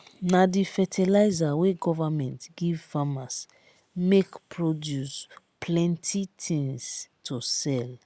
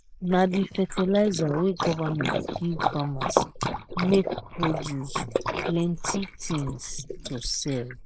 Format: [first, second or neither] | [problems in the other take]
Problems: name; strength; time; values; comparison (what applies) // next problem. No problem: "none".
first | noise reduction (neural mask model Resemble Enhance denoiser)